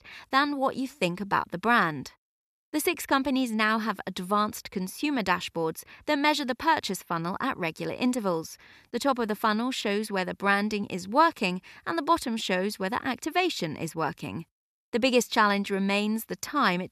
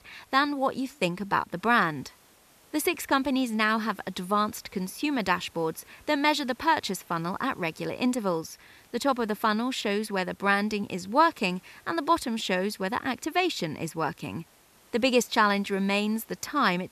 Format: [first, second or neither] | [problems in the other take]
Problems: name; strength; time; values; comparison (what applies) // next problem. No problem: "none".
first | hiss; faint; throughout; 30 dB below the speech